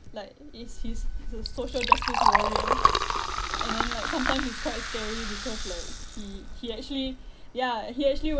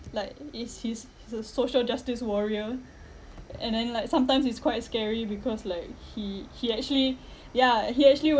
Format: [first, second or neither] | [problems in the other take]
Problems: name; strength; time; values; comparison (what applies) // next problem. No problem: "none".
second | background sound (Liquid); 5 dB above the speech